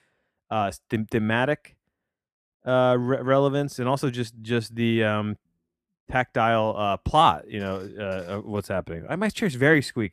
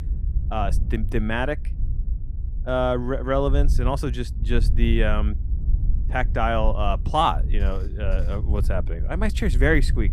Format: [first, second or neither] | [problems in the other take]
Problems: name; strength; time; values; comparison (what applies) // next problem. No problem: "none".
first | low rumble; noticeable; throughout; 20 dB below the speech